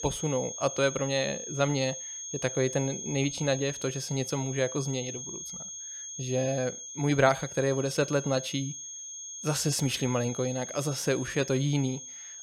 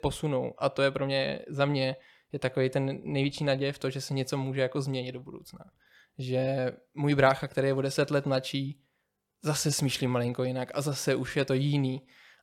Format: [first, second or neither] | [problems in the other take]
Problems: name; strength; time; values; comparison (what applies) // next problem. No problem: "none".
second | high-pitched whine; loud; throughout; 6.5 kHz, 8 dB below the speech